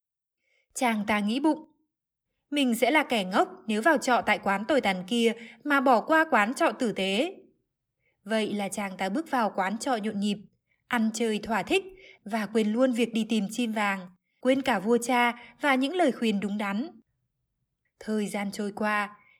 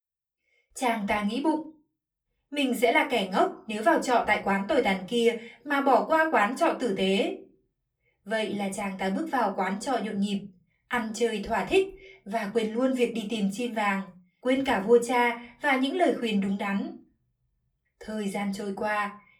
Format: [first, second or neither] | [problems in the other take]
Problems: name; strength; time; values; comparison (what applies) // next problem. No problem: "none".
first | off-mic speech; far // room echo; very slight; dies away in 0.2 s